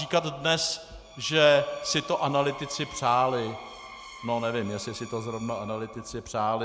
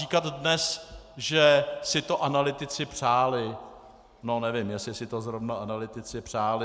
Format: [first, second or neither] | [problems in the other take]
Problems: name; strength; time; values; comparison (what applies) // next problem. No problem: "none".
second | background sound (Screech); 18 dB below the speech